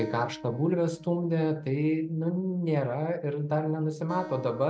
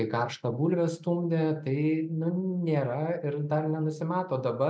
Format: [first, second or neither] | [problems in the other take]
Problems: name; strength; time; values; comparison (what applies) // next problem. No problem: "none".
second | background sound (Acoustic guitar); 19 dB below the speech